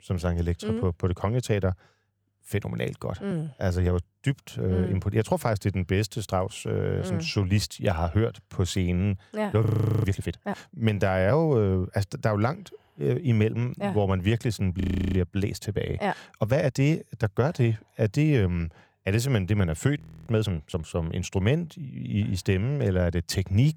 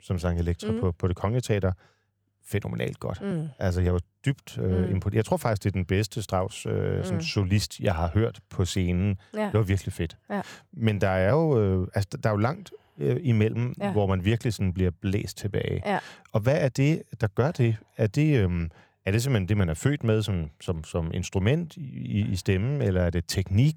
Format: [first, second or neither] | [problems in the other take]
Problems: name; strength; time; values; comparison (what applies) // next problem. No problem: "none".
second | audio freezing; at 9.5 s, at 15 s and at 20 s